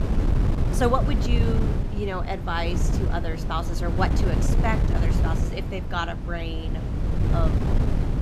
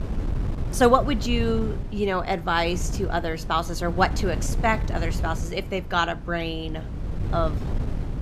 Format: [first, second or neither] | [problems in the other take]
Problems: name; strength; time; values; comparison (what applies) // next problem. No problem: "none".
second | wind noise on the microphone; heavy; 5 dB below the speech; occasional gusts in the second